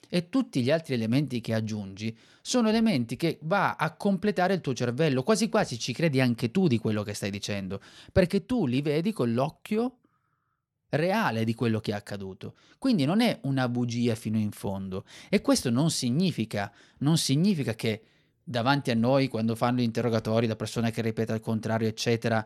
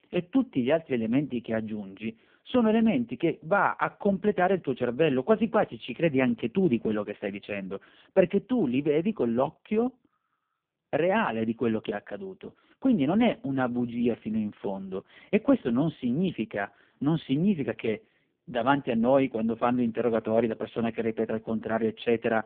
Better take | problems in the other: first | phone-call audio; poor line

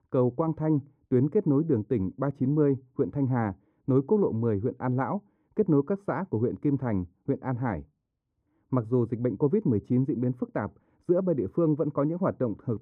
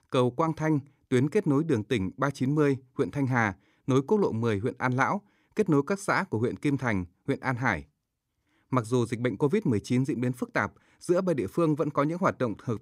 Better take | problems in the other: second | muffled; very; fading above 2 kHz

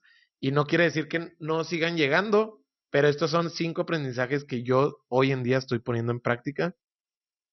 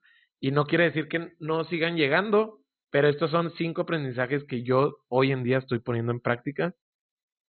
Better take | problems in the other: first | garbled, watery; badly; nothing above 4 kHz; slightly in the first

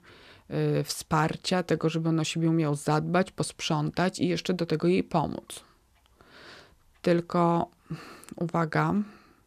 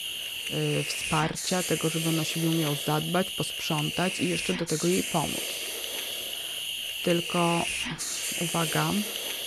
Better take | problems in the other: first | hiss; loud; throughout; 1 dB below the speech

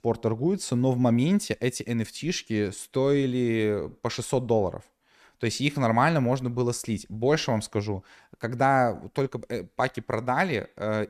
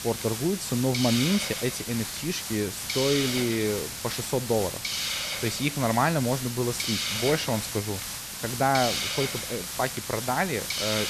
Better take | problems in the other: first | hiss; loud; throughout; 2 dB below the speech

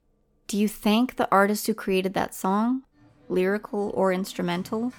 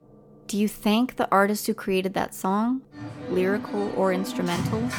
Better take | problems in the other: first | background music; loud; throughout; 8 dB below the speech; faint in the first

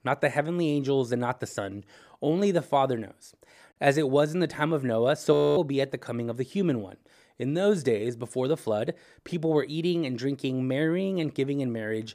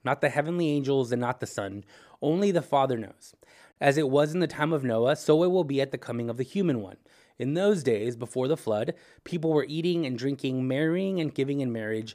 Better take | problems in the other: second | audio freezing; at 5.5 s

